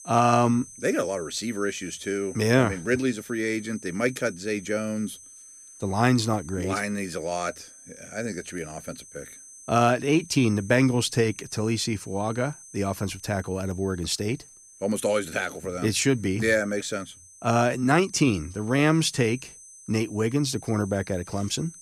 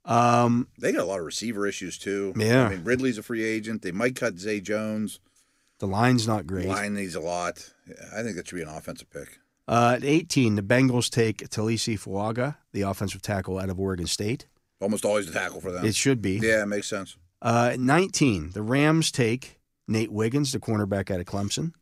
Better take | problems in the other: second | high-pitched whine; noticeable; throughout; 6 kHz, 20 dB below the speech

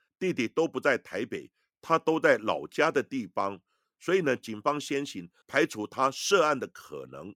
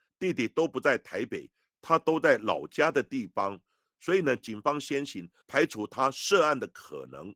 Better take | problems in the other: first | garbled, watery; slightly; nothing above 18.5 kHz

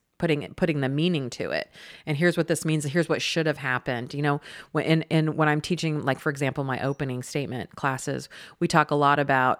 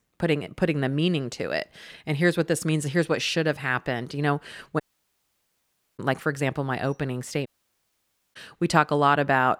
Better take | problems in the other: first | audio cutting out; at 5 s for 1 s and at 7.5 s for 1 s

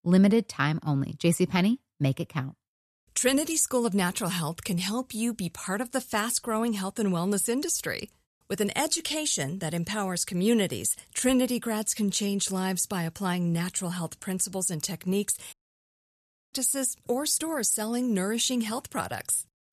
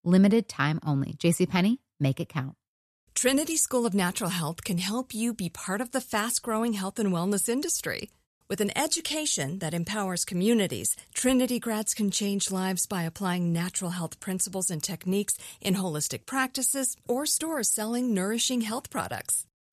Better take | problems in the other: second | audio cutting out; at 16 s for 1 s

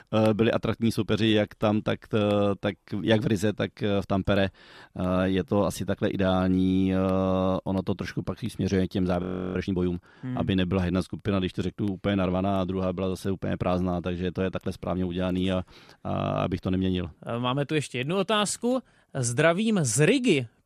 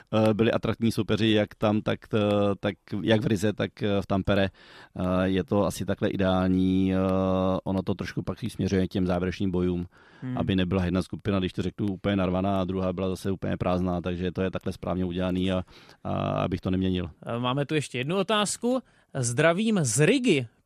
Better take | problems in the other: second | audio freezing; at 9 s

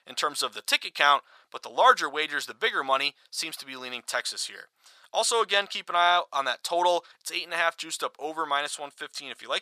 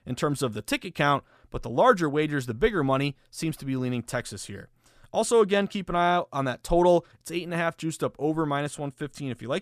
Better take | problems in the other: second | thin; very; fading below 950 Hz

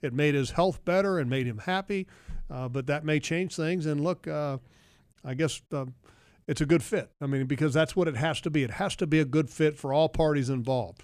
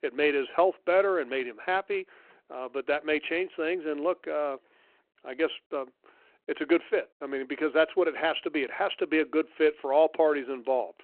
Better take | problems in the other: first | phone-call audio

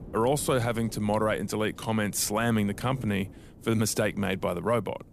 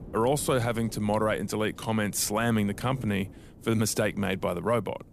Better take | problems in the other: neither | wind noise on the microphone; occasional gusts; 25 dB below the speech; the same in both

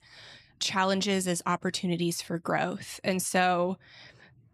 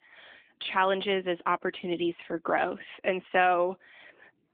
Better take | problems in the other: first | phone-call audio

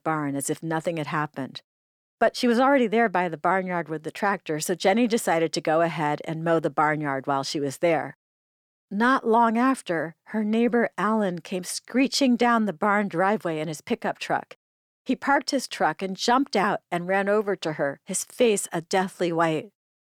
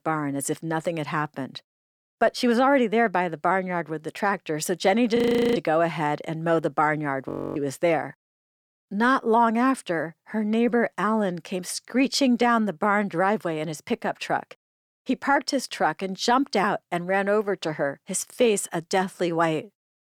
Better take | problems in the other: first | audio freezing; at 5 s and at 7.5 s

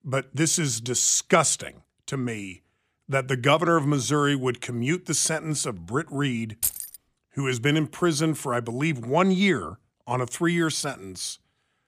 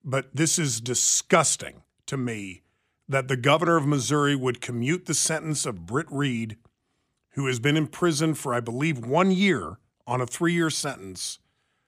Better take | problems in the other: second | jangling keys; noticeable; at 6.5 s; peak 2 dB below the speech

